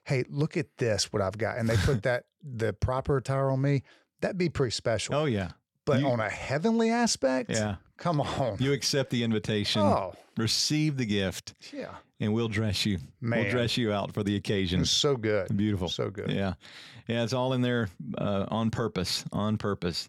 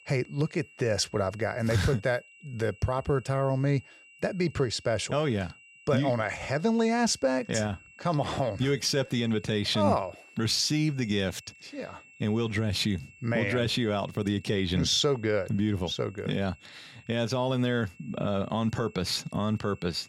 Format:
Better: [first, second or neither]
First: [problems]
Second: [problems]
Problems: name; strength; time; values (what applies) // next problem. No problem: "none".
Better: first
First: none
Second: high-pitched whine; faint; throughout; 2.5 kHz, 25 dB below the speech